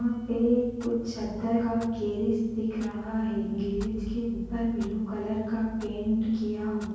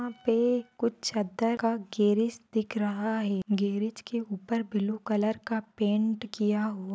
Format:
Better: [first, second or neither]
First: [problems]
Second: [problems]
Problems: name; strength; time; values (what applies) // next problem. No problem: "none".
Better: second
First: background sound (Clock); 15 dB below the speech // room echo; dies away in 1.3 s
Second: none